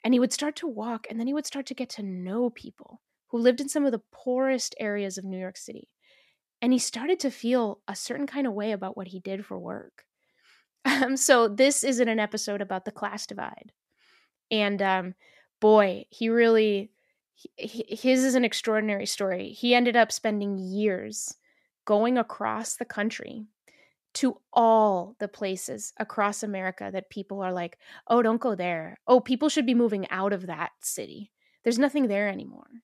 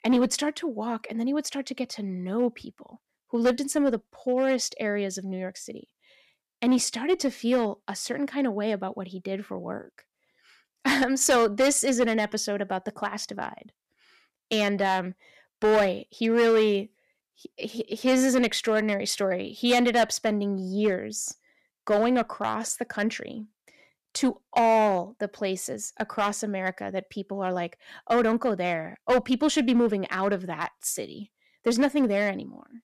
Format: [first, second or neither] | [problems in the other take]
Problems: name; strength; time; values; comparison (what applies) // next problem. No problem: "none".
first | distortion; slight; 4% of the sound clipped